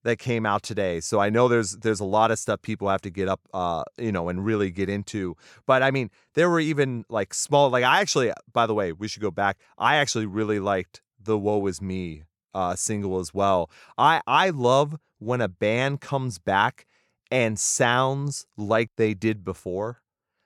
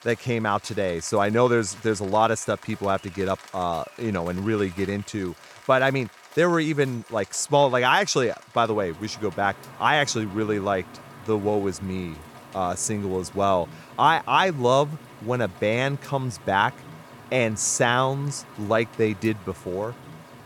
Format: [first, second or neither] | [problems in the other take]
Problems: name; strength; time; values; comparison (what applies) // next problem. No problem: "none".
first | rain or running water; faint; throughout; 20 dB below the speech